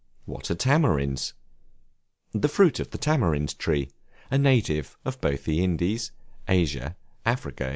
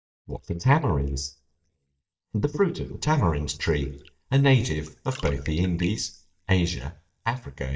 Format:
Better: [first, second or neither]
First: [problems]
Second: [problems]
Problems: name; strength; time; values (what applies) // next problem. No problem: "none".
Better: first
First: none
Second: noise reduction (neural mask model DeepFilterNet 3)